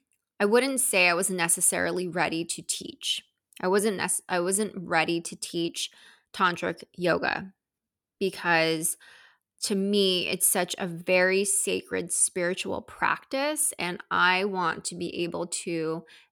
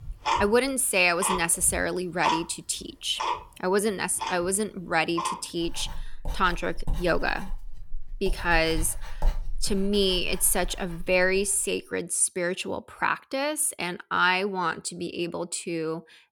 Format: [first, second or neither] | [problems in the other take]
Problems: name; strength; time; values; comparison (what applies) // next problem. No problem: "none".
first | household noises; loud; until 11 s; 8 dB below the speech